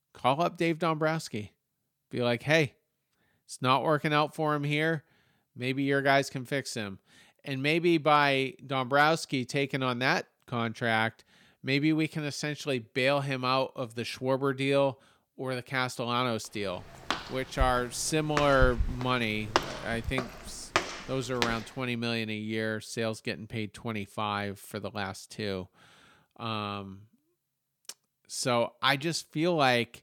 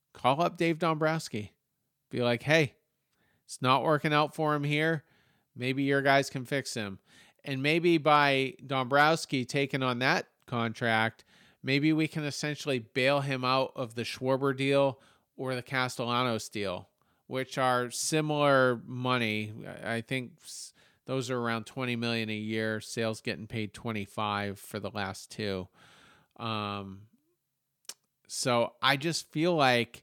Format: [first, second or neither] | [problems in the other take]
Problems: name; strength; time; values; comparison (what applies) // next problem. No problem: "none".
second | footsteps; noticeable; from 17 to 22 s; peak 1 dB below the speech